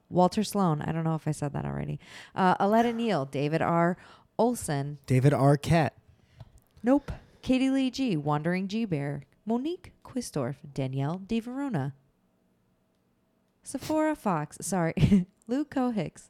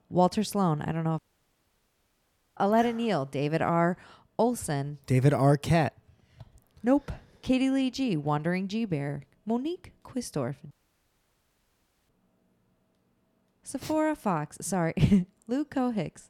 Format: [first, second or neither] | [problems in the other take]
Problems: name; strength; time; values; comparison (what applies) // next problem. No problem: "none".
first | audio cutting out; at 1 s for 1.5 s and at 11 s for 1.5 s